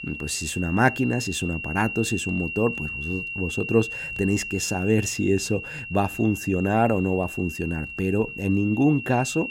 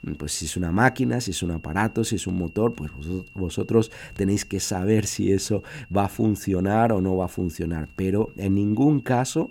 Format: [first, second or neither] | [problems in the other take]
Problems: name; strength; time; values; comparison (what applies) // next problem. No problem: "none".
second | high-pitched whine; loud; throughout; 2.5 kHz, 7 dB below the speech; faint in the second